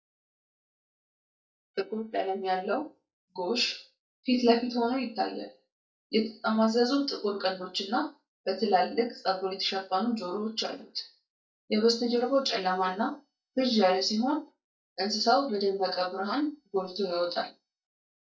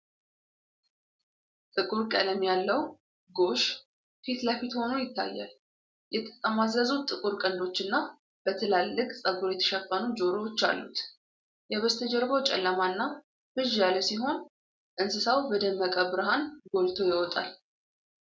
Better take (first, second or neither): second